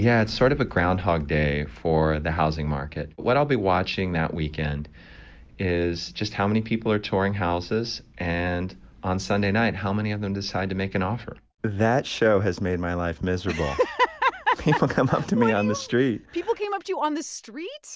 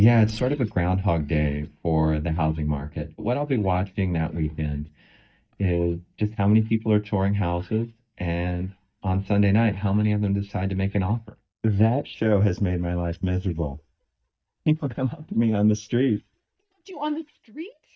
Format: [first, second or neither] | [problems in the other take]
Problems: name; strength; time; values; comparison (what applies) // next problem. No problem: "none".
first | noise reduction (neural mask model DeepFilterNet 3)